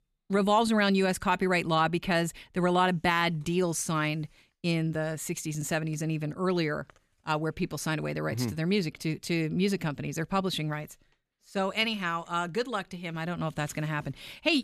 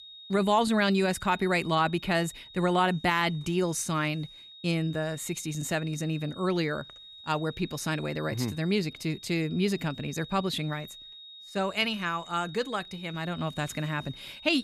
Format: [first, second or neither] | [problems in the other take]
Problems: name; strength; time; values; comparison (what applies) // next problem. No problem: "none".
first | high-pitched whine; noticeable; throughout; 3.5 kHz, 15 dB below the speech